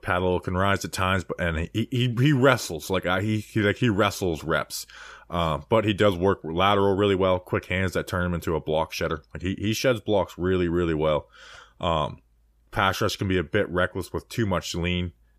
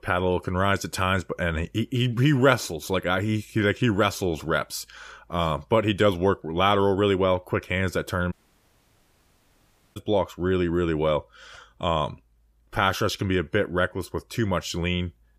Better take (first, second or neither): first